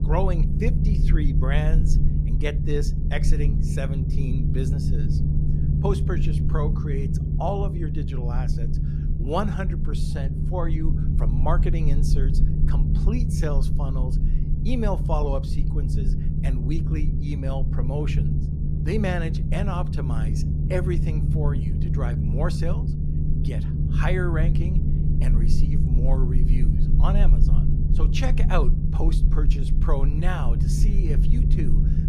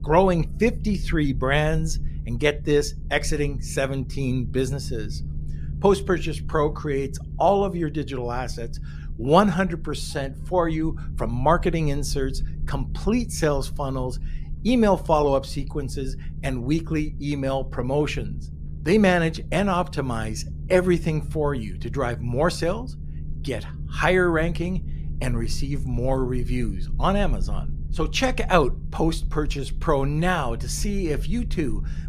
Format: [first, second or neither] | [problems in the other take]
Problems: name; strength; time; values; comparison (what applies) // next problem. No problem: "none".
second | low rumble; loud; throughout; 3 dB below the speech; faint in the second